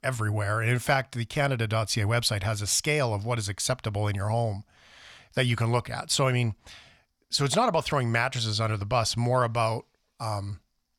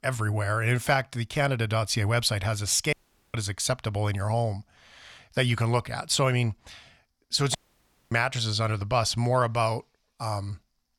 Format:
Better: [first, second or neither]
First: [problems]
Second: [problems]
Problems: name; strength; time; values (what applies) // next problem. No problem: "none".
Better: first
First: none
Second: audio cutting out; at 3 s and at 7.5 s for 0.5 s